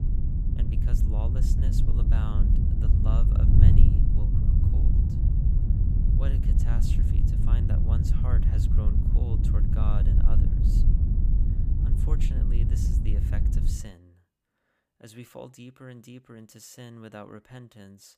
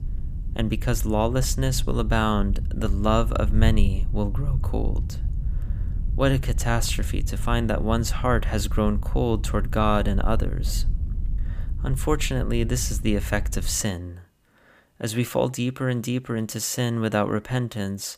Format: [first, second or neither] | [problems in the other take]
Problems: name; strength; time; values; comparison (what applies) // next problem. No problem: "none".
second | wind noise on the microphone; heavy; until 14 s; 4 dB above the speech; occasional gusts in the second